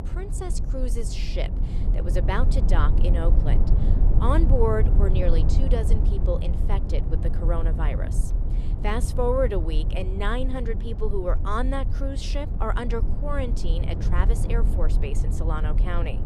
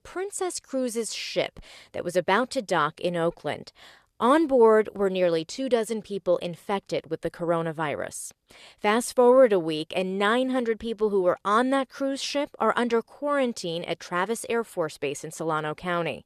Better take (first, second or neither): second